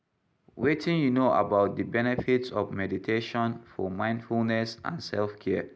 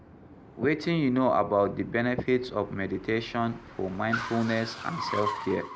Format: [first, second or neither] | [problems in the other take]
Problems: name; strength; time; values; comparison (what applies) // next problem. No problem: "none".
first | background sound (Car); 11 dB below the speech